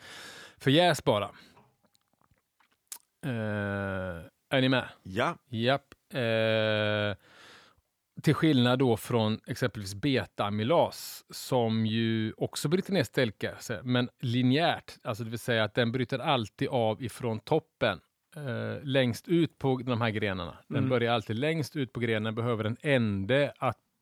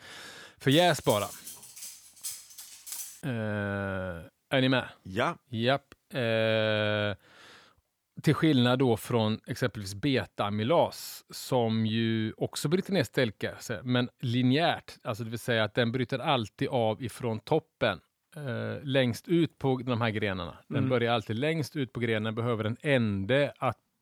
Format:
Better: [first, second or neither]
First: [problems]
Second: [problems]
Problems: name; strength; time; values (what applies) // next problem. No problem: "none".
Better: first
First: none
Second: clattering dishes; noticeable; from 0.5 to 3 s; peak 9 dB below the speech